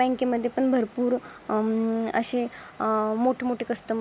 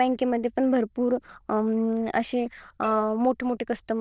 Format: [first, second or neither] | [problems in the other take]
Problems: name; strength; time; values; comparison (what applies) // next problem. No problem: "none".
first | noise reduction (neural diffusion model UNIVERSE++)